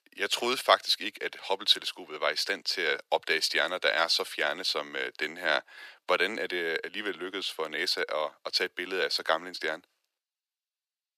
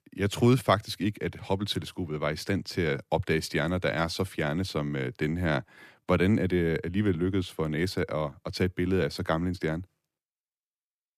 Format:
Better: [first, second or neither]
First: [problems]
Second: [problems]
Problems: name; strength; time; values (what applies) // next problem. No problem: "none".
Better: second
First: thin; very; fading below 500 Hz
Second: none